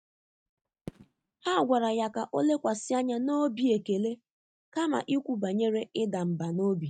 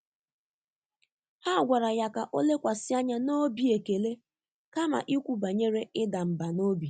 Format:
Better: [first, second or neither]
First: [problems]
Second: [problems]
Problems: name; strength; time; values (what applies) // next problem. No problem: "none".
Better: second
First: noise reduction (neural mask model RNNoise)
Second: none